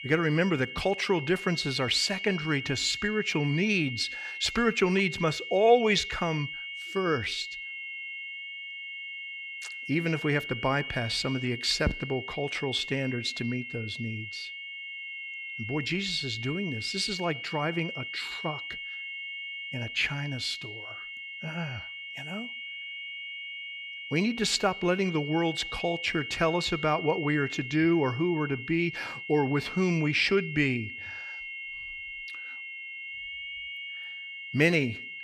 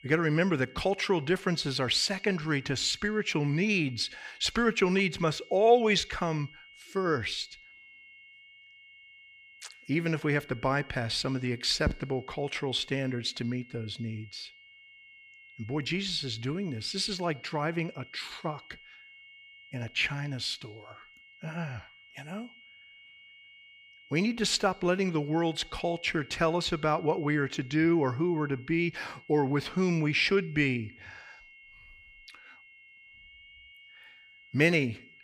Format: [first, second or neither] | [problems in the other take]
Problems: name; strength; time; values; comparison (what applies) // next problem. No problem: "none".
second | high-pitched whine; loud; throughout; 2 kHz, 8 dB below the speech; faint in the second